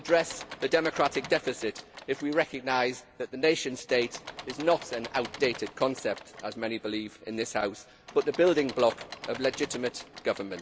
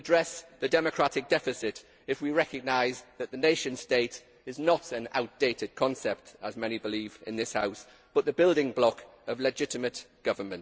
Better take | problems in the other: second | background sound (Engine / Mechanisms); 16 dB below the speech

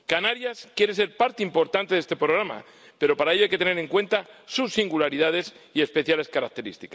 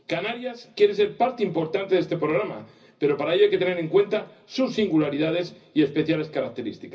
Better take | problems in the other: first | room echo; dies away in 0.4 s

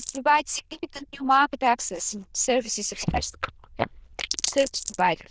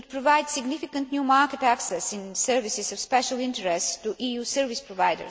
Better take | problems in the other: second | noise reduction (neural diffusion model UNIVERSE++)

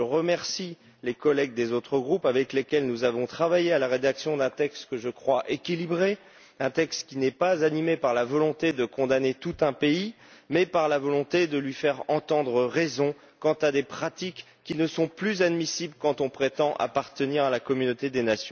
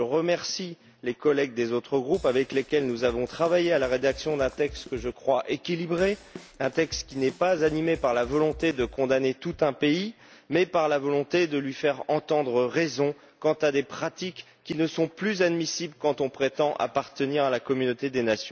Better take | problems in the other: first | background sound (Drum kit); 19 dB below the speech

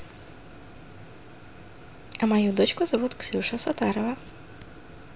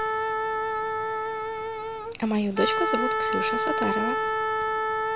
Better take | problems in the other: first | background sound (Wind instrument, woodwind instrument); 5 dB above the speech

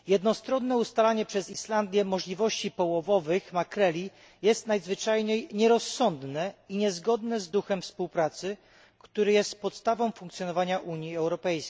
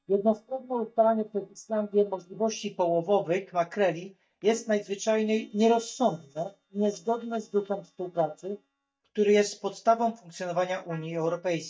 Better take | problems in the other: first | noise reduction (neural mask model DeepFilterNet 3)

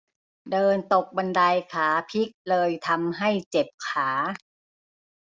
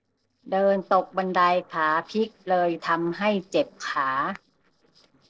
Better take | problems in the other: first | noise reduction (neural separator model SepFormer DNS4)

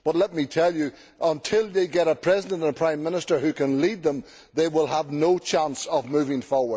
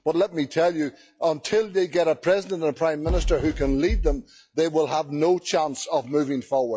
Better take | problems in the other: first | noise reduction (classical method log-MMSE)

